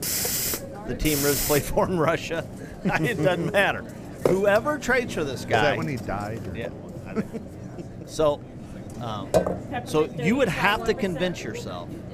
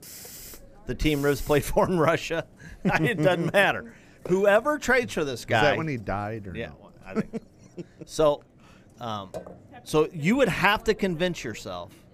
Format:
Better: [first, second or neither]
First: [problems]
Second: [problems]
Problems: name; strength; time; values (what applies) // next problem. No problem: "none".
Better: second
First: hiss; loud; throughout; 6 dB below the speech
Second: hiss; faint; throughout; 25 dB below the speech